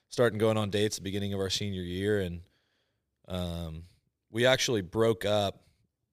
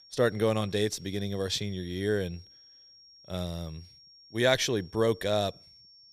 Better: first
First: none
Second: high-pitched whine; faint; throughout; 5.5 kHz, 25 dB below the speech

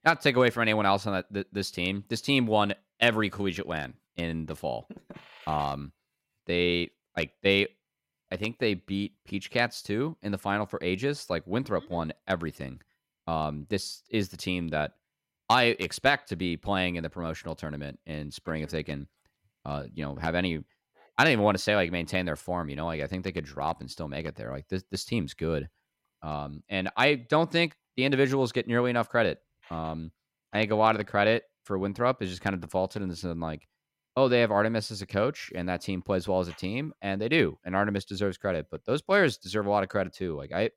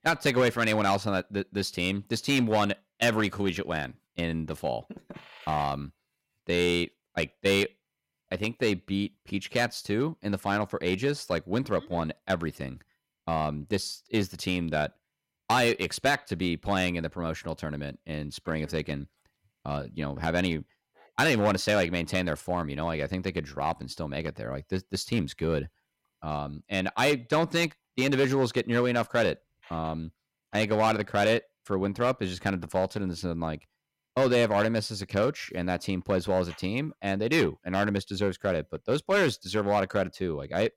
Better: first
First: none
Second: distortion; slight; 3% of the sound clipped

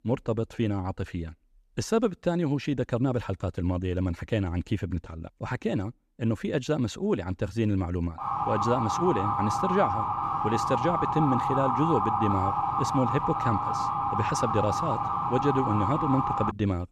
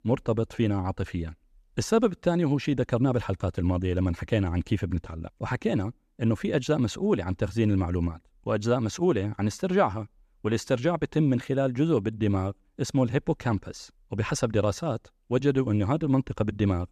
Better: second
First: siren; loud; from 8 s on; peak 3 dB above the speech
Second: none

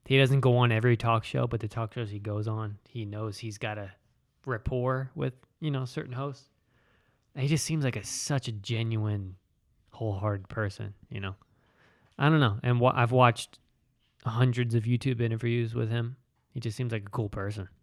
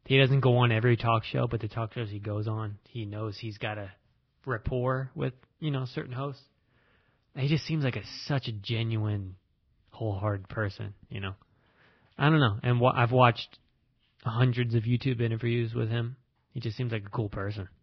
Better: first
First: none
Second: garbled, watery; badly; nothing above 5.5 kHz

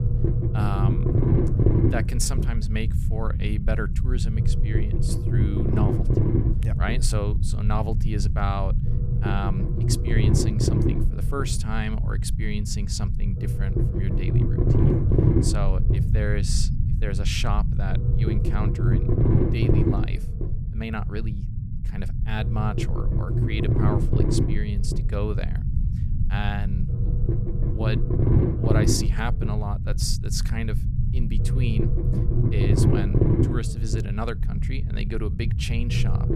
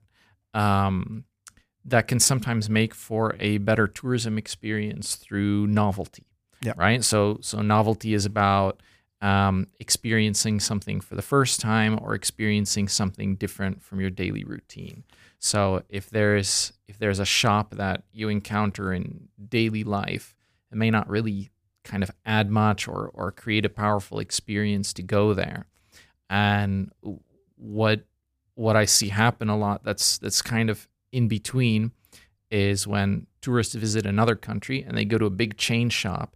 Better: second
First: low rumble; loud; throughout; as loud as the speech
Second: none

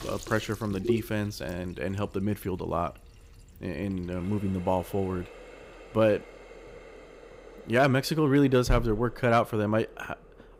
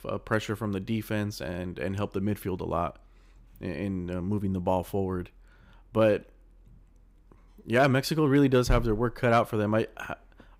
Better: second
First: household noises; noticeable; throughout; 15 dB below the speech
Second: none

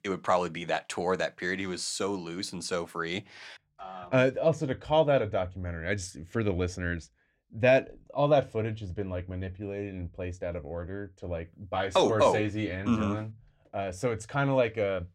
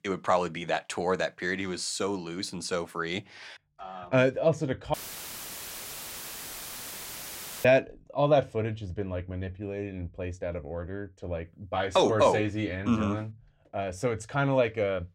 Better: first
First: none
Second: audio cutting out; filled with static; at 5 s for 2.5 s

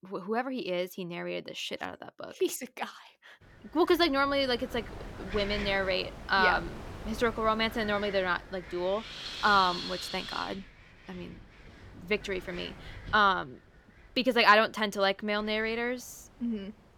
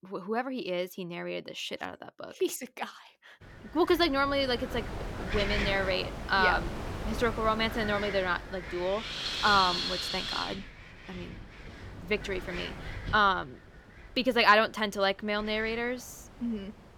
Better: first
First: wind noise on the microphone; occasional gusts; from 3.5 s on; 15 dB below the speech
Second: wind noise on the microphone; heavy; from 3.5 s on; 8 dB below the speech

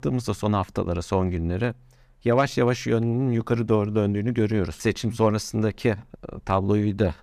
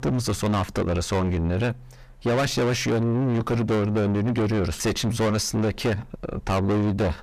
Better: first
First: none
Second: distortion; heavy; 6 dB below the speech

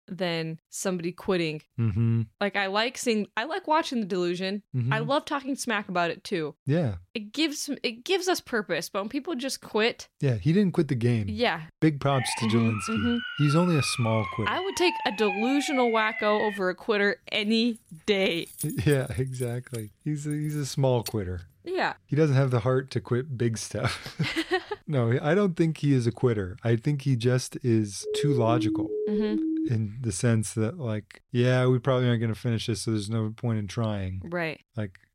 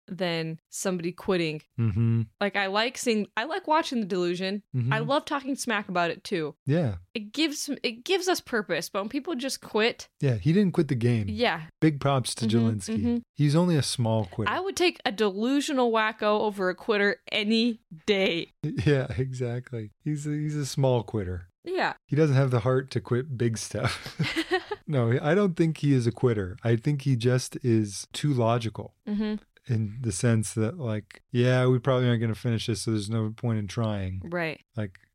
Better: second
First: siren; noticeable; from 12 to 17 s and from 28 to 30 s; peak 1 dB below the speech // jangling keys; noticeable; from 18 to 21 s; peak 10 dB below the speech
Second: none

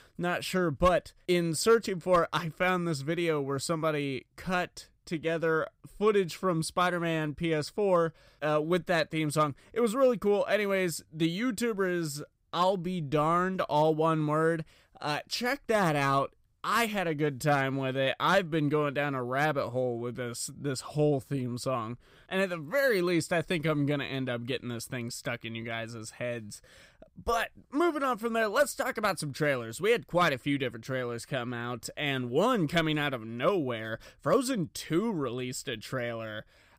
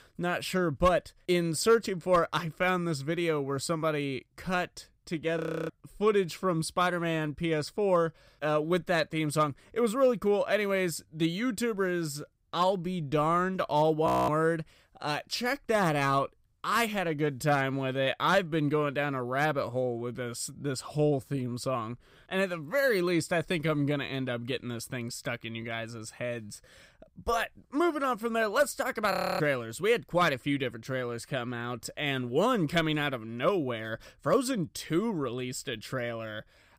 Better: first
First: none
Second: audio freezing; at 5.5 s, at 14 s and at 29 s

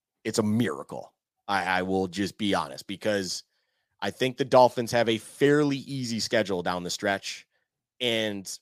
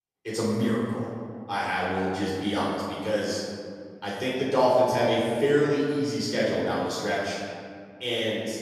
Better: first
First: none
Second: off-mic speech; far // room echo; strong; dies away in 1.9 s

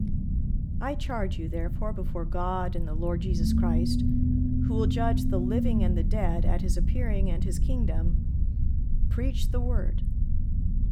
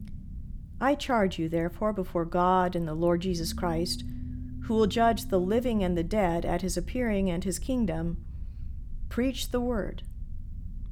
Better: second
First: low rumble; loud; throughout; 4 dB below the speech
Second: low rumble; faint; throughout; 25 dB below the speech

